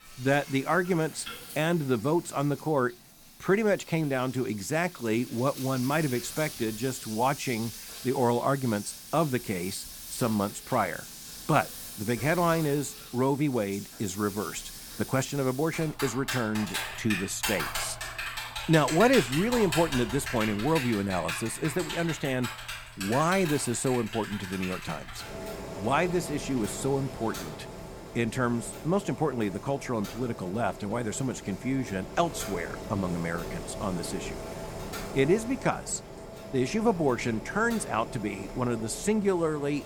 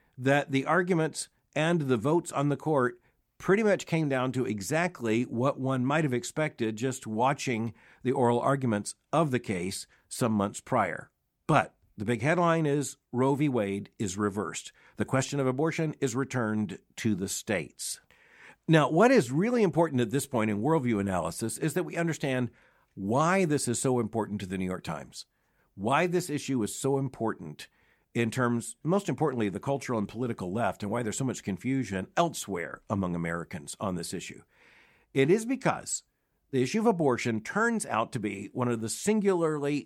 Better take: second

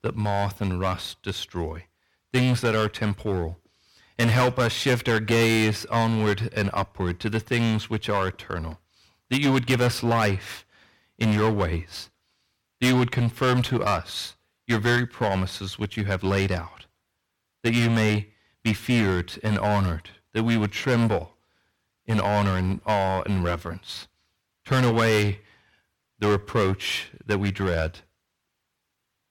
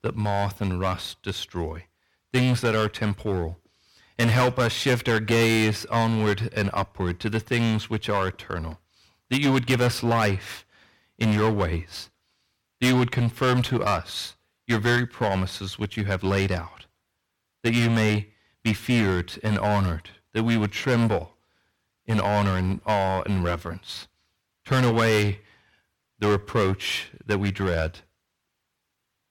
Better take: neither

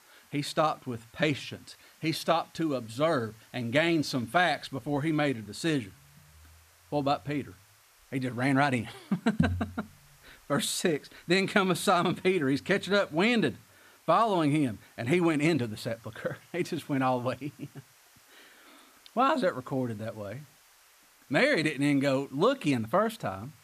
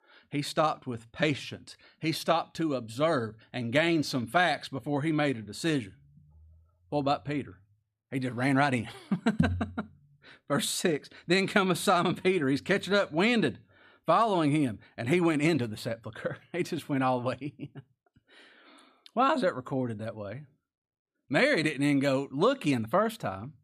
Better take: second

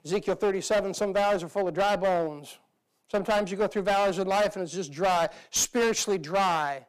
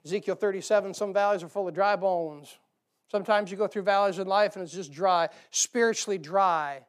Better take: second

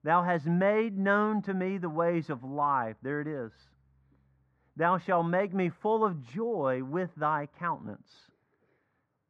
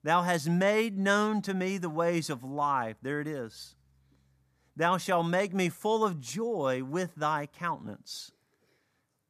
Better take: second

